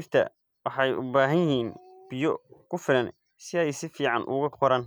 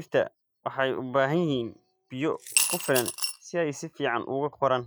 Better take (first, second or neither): first